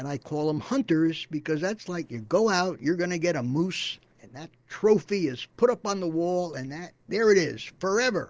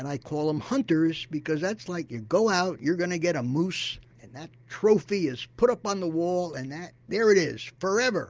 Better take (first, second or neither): second